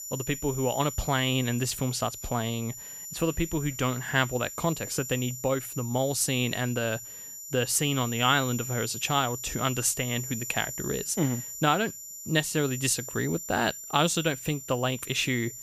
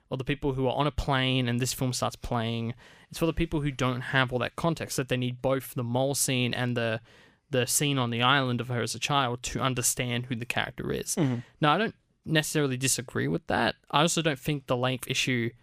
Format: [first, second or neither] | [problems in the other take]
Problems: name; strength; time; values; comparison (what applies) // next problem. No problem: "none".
second | high-pitched whine; loud; throughout; 7 kHz, 9 dB below the speech